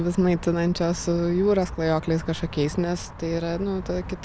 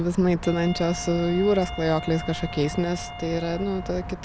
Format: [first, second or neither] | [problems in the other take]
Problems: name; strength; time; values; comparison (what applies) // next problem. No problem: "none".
first | background sound (Wind instrument, woodwind instrument); 14 dB below the speech